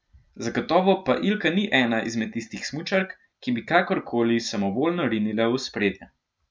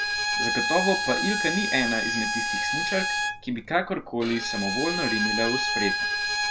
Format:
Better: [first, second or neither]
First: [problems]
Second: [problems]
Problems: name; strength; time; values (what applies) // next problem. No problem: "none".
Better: first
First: none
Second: background sound (Bowed string instrument); 1 dB above the speech